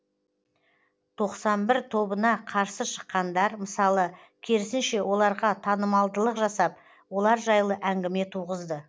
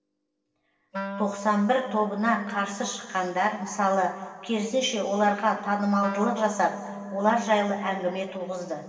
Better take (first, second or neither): first